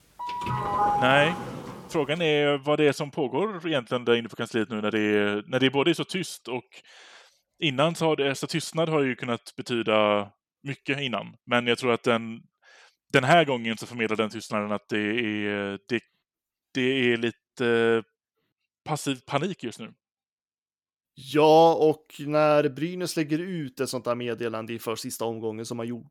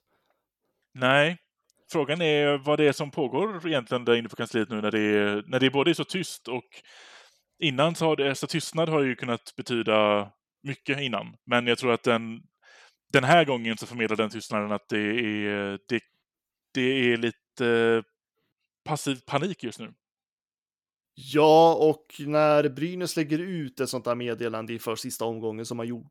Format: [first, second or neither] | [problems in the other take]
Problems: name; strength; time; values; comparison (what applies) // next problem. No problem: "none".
second | doorbell; loud; until 2 s; peak 1 dB above the speech